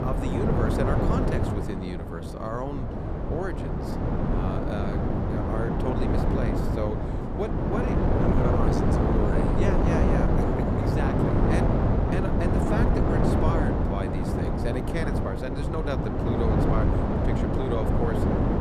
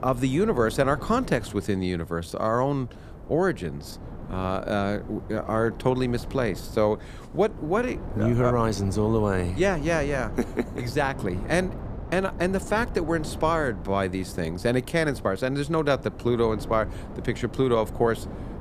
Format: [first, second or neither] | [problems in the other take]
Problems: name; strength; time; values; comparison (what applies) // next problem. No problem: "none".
second | wind noise on the microphone; heavy; 4 dB above the speech; occasional gusts in the second